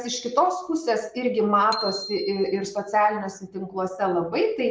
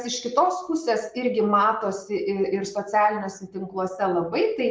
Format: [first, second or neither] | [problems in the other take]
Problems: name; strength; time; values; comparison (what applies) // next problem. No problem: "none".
second | background sound (Bicycle bell); 15 dB below the speech